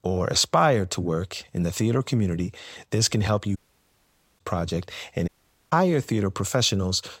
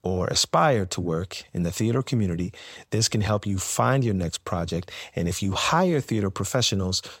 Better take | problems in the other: second | audio cutting out; at 3.5 s for 1 s and at 5.5 s

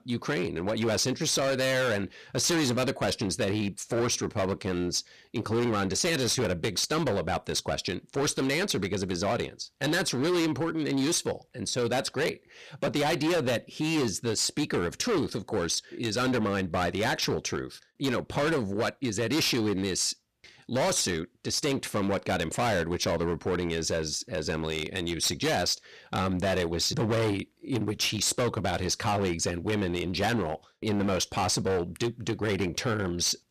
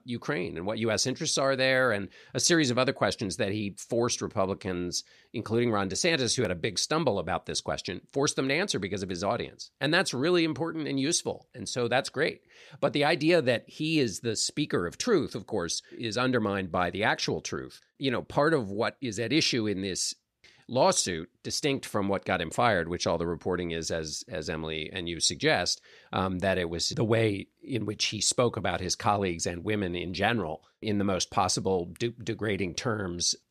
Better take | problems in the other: second | distortion; heavy; 17% of the sound clipped

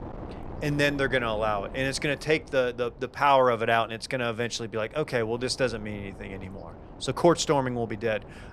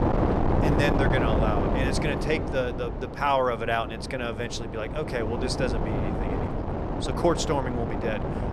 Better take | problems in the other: first | wind noise on the microphone; heavy; 3 dB below the speech; occasional gusts in the first

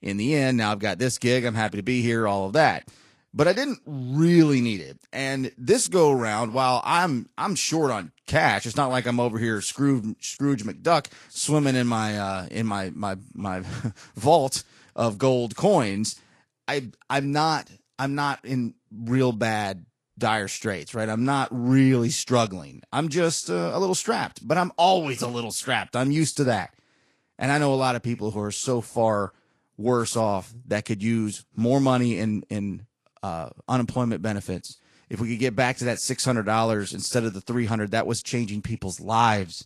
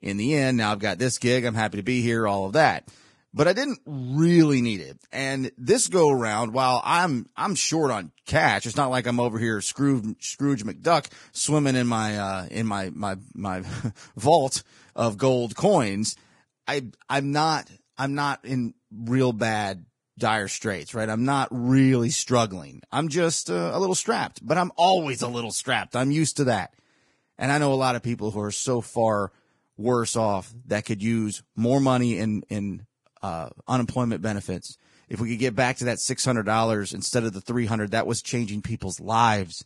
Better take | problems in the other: first | garbled, watery; badly; nothing above 10.5 kHz; slightly in the first

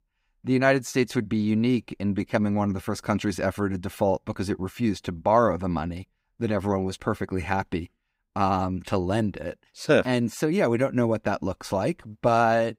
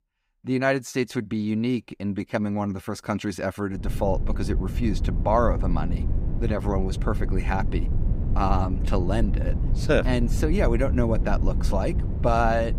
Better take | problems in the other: first | low rumble; noticeable; from 4 s on; 15 dB below the speech

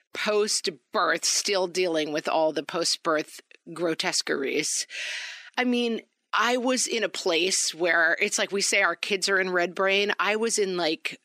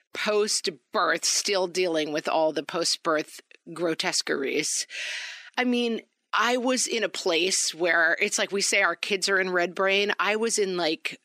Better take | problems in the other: neither | thin; somewhat; fading below 250 Hz; the same in both

